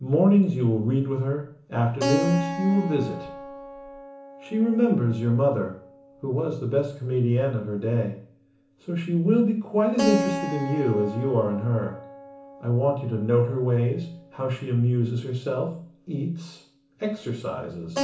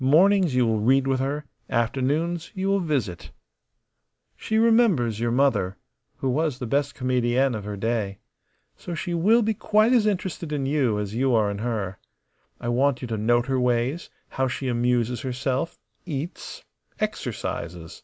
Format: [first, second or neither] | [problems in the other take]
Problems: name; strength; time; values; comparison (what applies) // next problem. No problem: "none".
second | background sound (Keyboard (musical)); 11 dB below the speech // room echo; dies away in 0.8 s